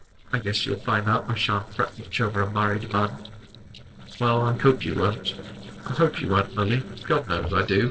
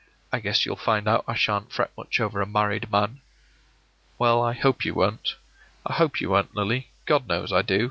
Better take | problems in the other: second | noise reduction (neural separator model SepFormer DNS4)

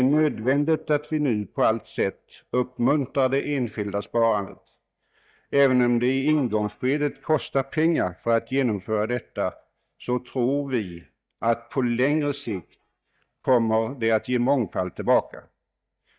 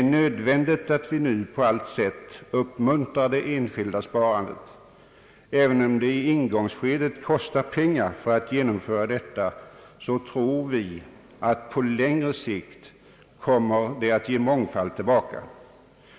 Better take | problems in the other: second | noise reduction (neural mask model DeepFilterNet 3)

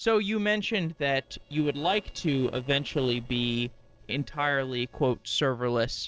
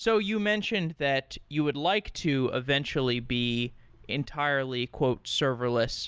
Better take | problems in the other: second | noise reduction (neural separator model SepFormer DNS4)

